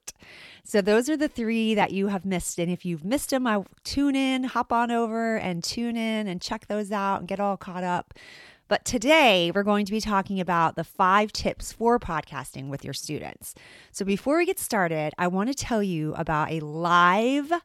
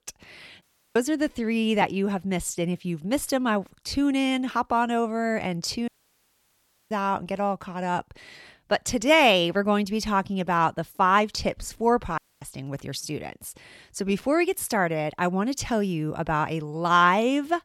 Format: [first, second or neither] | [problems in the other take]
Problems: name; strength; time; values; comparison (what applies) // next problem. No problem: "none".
first | audio cutting out; at 0.5 s, at 6 s for 1 s and at 12 s